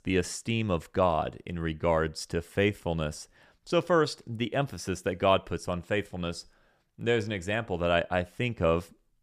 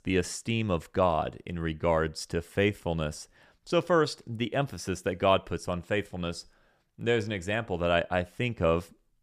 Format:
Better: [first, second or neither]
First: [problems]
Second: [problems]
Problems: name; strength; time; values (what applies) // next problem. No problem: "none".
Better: neither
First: none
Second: none